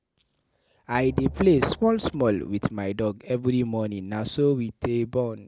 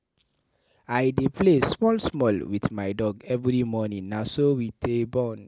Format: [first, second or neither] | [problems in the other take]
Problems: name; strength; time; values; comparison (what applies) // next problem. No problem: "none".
second | background sound (Drum); 18 dB below the speech